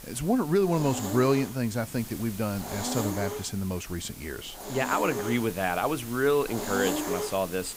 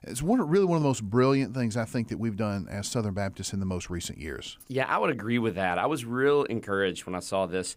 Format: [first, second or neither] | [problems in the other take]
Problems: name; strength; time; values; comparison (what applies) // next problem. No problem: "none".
second | hiss; loud; throughout; 7 dB below the speech